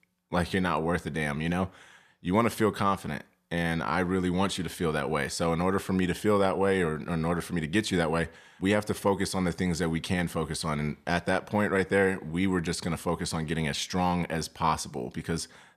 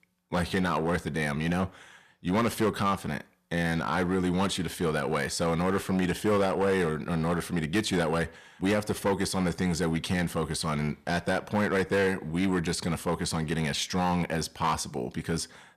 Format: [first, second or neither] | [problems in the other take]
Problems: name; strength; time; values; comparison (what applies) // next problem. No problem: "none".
first | distortion; slight; 6% of the sound clipped